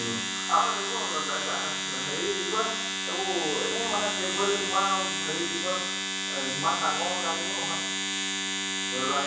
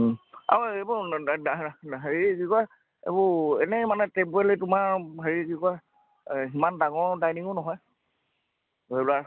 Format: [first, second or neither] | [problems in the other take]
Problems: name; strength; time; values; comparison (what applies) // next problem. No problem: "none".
second | background sound (Domestic sounds, home sounds); 1 dB above the speech // room echo; dies away in 0.7 s